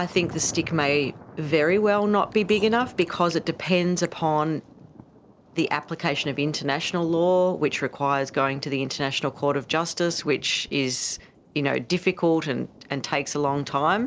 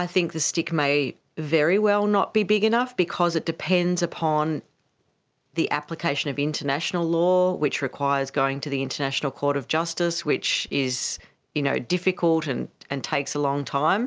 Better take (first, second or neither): second